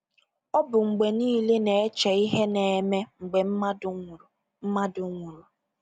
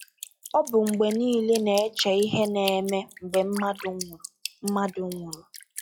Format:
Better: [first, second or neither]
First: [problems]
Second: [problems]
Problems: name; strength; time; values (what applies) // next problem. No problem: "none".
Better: first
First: none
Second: noise reduction (classical method log-MMSE)